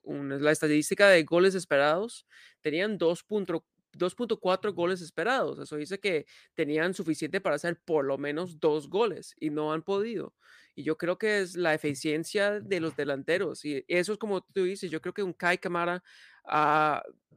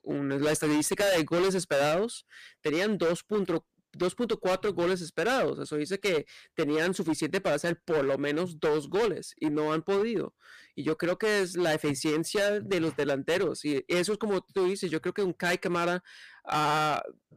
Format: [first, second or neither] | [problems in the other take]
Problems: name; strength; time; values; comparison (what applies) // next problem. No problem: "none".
first | distortion; heavy; 17% of the sound clipped